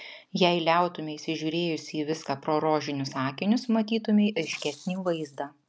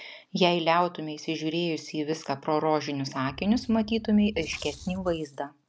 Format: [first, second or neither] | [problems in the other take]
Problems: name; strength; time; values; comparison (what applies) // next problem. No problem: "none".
first | background sound (Wind); 18 dB below the speech